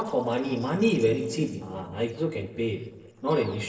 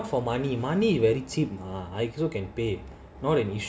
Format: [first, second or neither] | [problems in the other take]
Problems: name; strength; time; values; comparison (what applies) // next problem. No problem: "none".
second | noise reduction (neural separator model SepFormer DNS4)